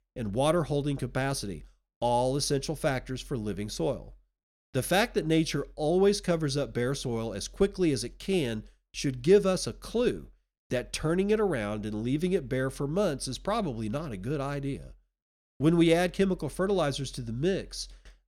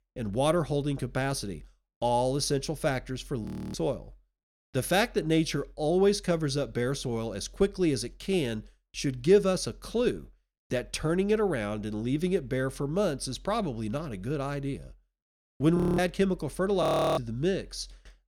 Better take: first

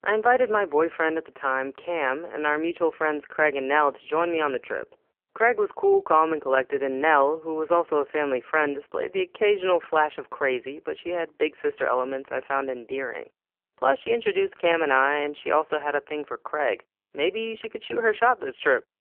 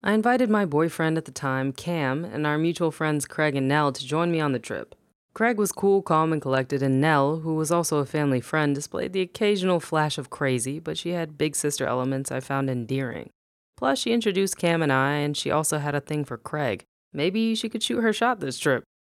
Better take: second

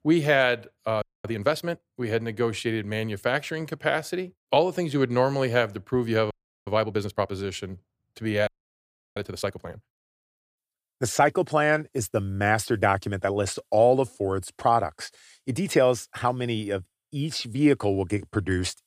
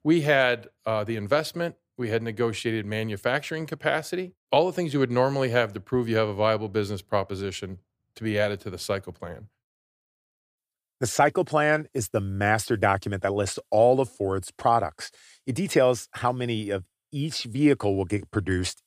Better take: second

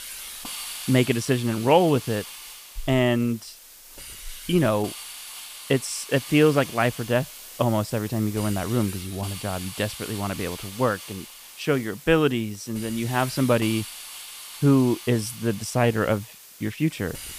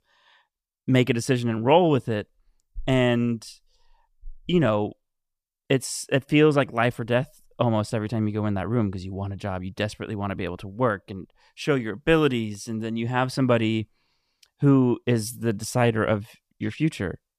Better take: second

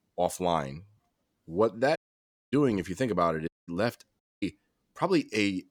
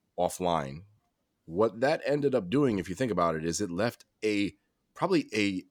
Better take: second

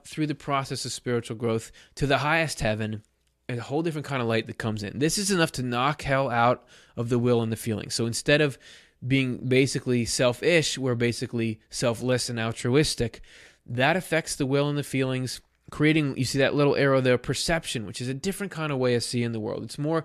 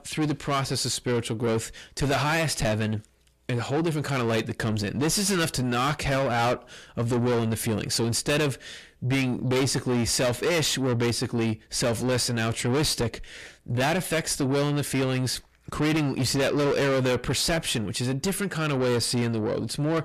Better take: first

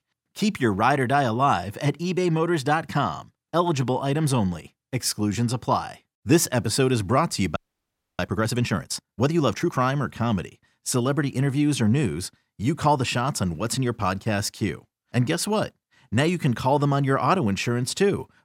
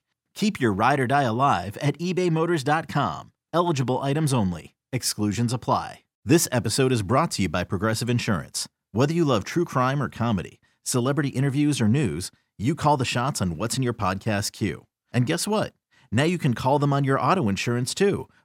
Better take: second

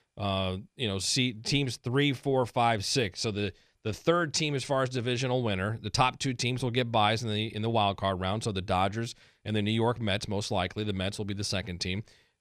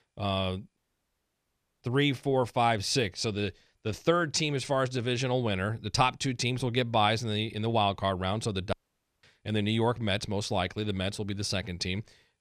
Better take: first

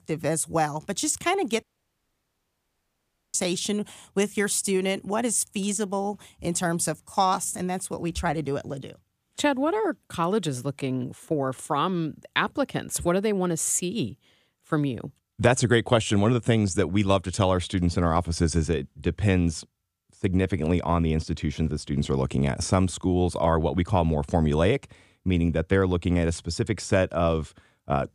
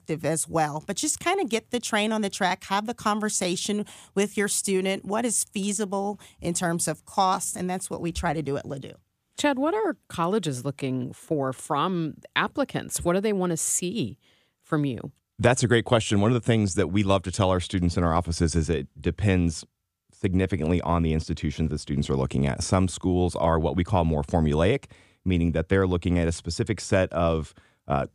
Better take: second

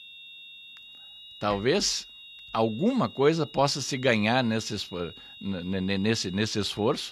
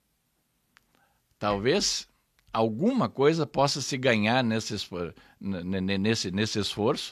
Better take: second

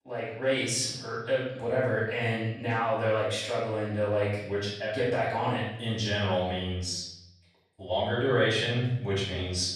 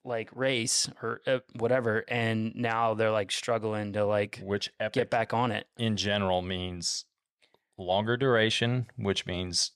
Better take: second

